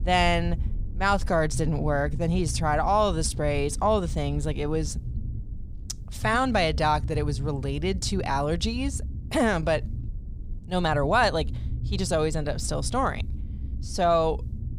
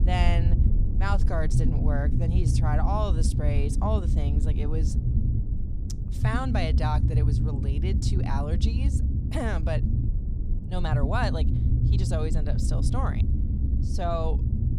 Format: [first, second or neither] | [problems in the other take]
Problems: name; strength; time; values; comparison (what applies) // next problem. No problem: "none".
first | low rumble; loud; throughout; 6 dB below the speech; faint in the first